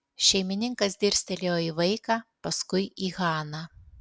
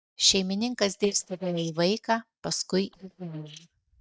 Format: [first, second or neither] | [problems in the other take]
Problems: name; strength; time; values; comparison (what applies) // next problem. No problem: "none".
first | noise reduction (neural mask model DeepFilterNet 3)